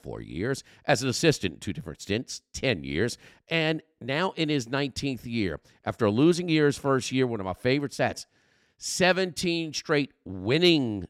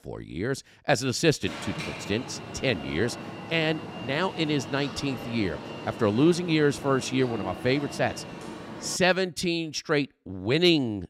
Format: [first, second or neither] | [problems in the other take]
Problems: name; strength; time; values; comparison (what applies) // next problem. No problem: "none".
first | alarm; noticeable; from 1.5 to 9 s; peak 8 dB below the speech